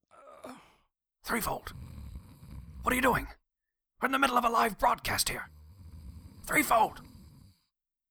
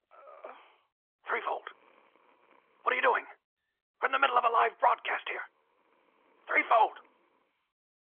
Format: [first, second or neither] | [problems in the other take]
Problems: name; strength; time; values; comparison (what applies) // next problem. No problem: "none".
first | phone-call audio; nothing above 3.5 kHz